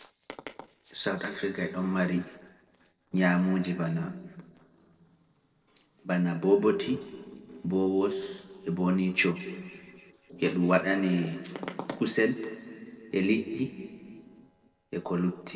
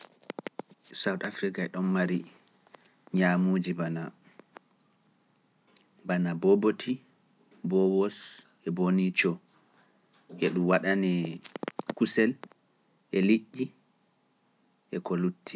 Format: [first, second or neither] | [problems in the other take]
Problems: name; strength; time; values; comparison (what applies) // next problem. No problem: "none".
second | noise reduction (neural separator model SepFormer DNS4)